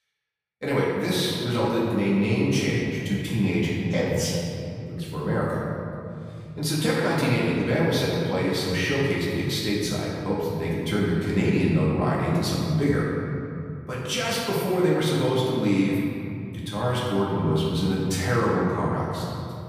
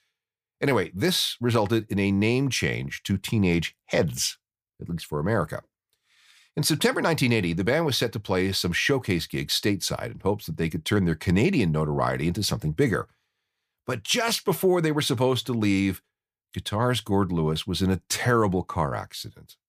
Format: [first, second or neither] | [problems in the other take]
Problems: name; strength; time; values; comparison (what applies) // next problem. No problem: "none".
second | off-mic speech; far // room echo; strong; dies away in 2.9 s